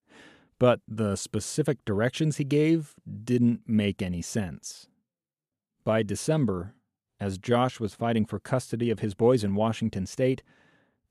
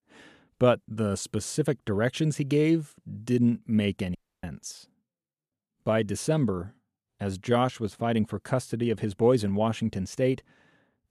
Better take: first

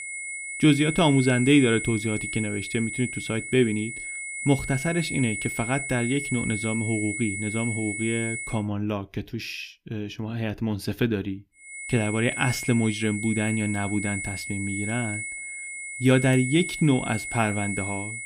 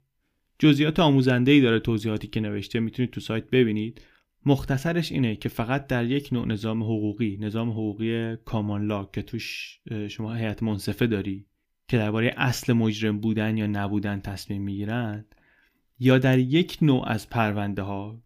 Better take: second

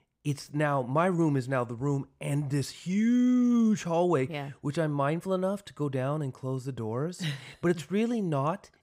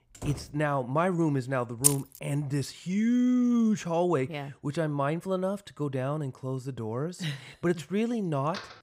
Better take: first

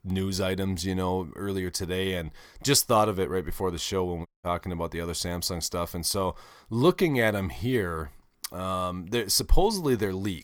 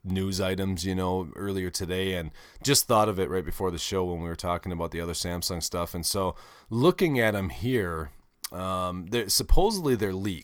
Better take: second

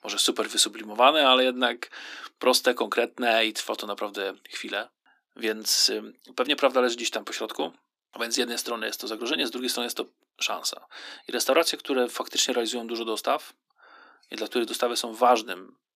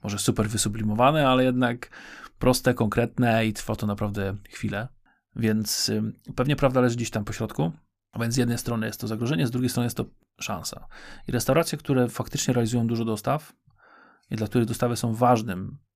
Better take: second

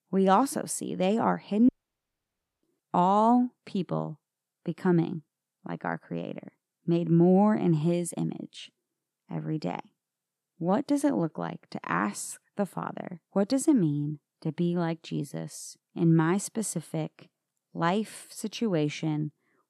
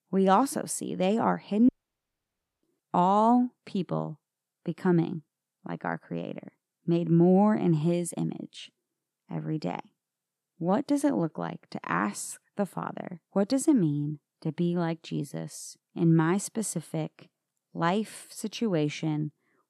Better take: neither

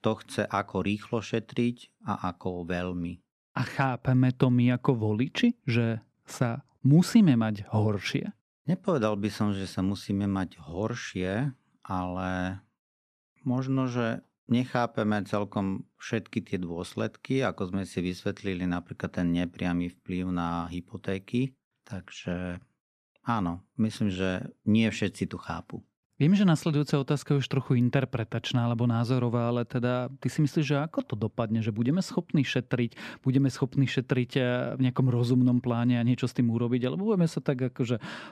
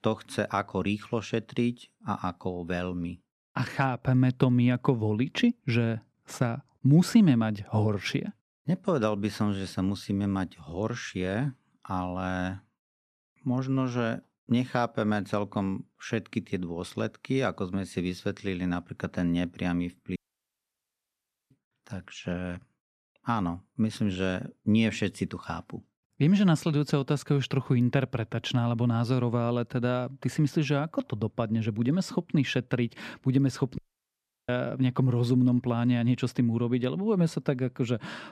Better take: first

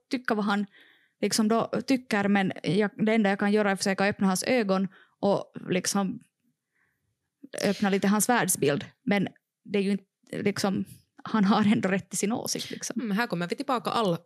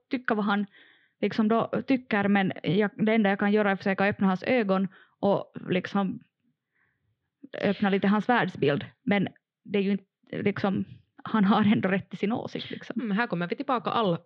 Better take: first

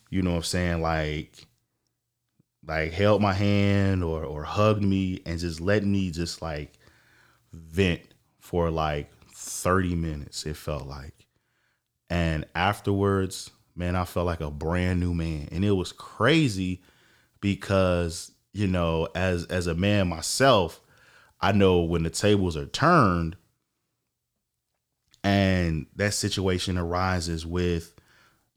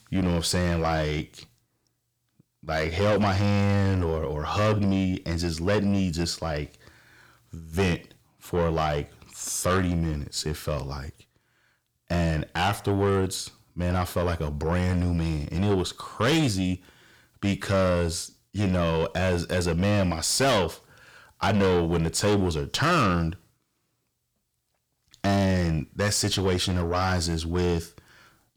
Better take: first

